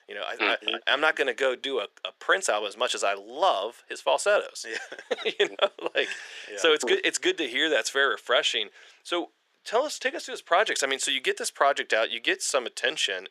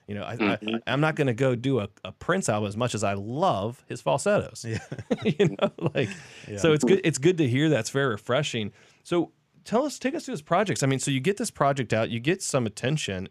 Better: second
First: thin; very; fading below 400 Hz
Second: none

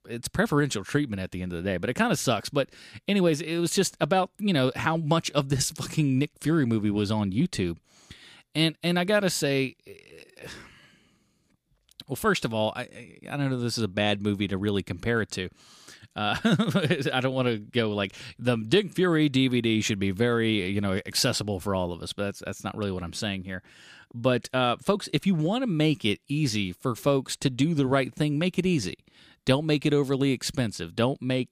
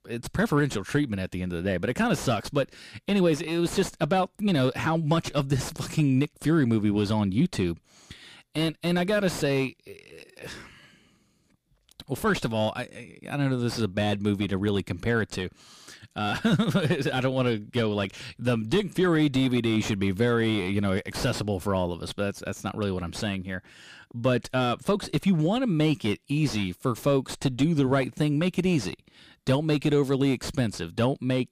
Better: first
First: none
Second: distortion; slight; 10 dB below the speech

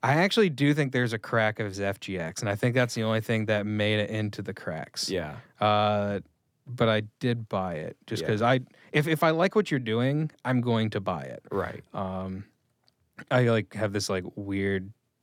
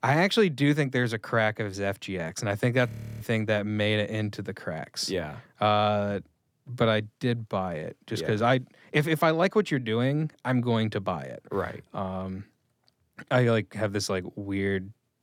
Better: first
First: none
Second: audio freezing; at 3 s

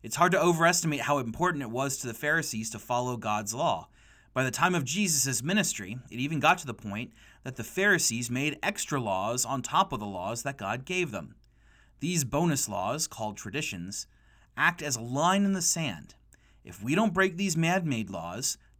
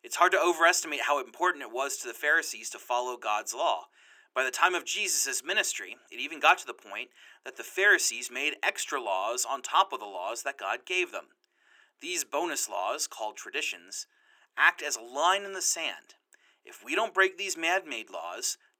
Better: first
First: none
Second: thin; very; fading below 350 Hz

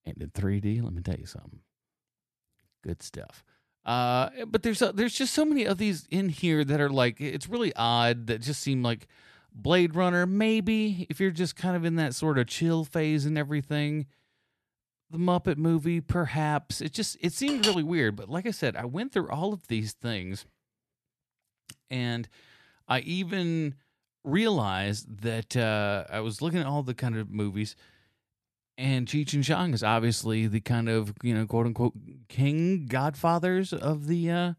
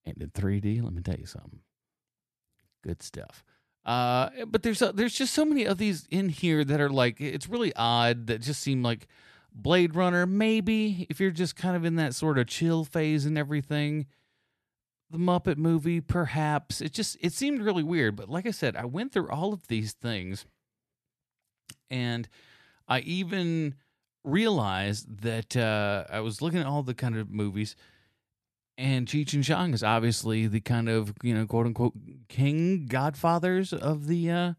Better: second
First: clattering dishes; loud; at 17 s; peak 1 dB above the speech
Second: none

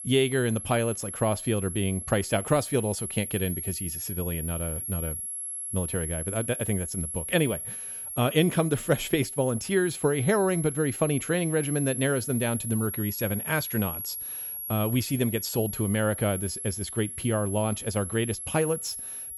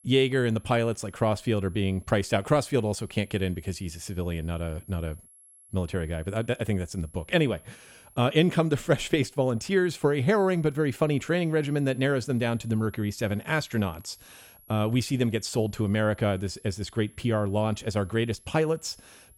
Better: second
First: high-pitched whine; loud; throughout; 11 kHz, 5 dB below the speech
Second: high-pitched whine; faint; throughout; 11 kHz, 25 dB below the speech

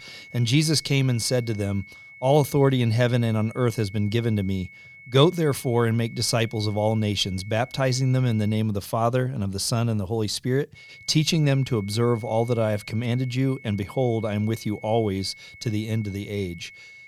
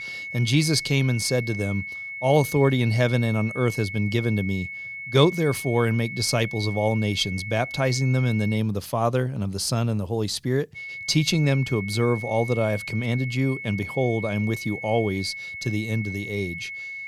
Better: first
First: high-pitched whine; faint; until 8.5 s and from 11 s on; 2 kHz, 20 dB below the speech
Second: high-pitched whine; loud; until 8.5 s and from 11 s on; 2 kHz, 9 dB below the speech

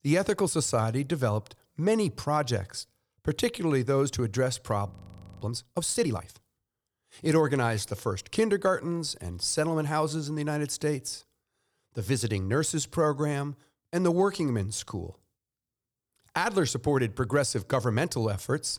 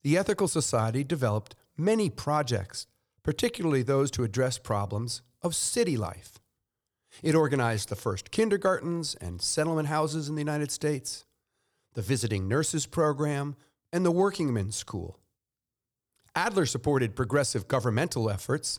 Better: second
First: audio freezing; at 5 s for 0.5 s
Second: none

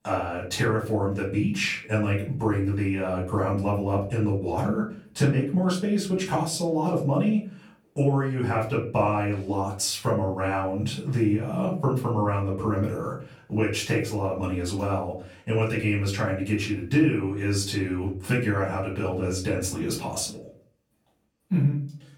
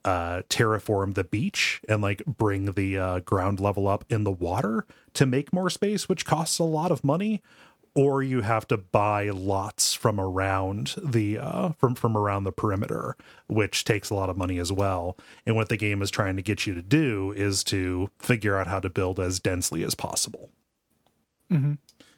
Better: second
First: off-mic speech; far // room echo; slight; dies away in 0.4 s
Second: none

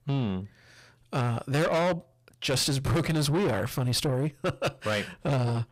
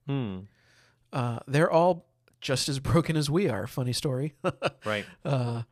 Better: second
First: distortion; heavy; 6 dB below the speech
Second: none

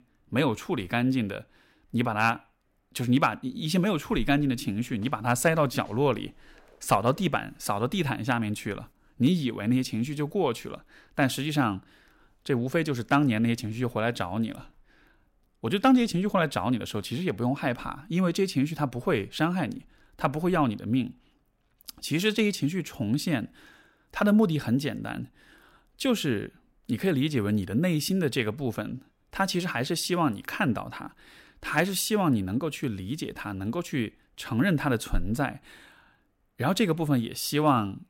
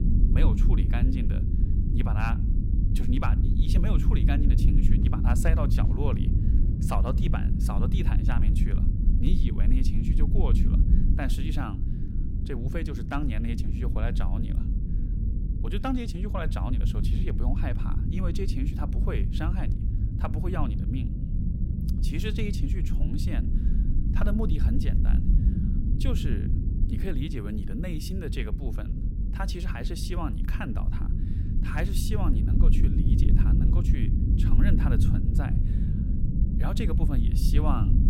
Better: first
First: none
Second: low rumble; loud; throughout; 3 dB below the speech

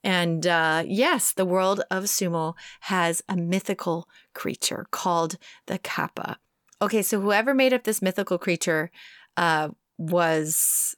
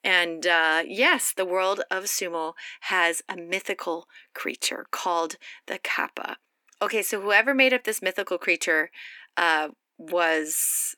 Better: first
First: none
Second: thin; somewhat; fading below 250 Hz

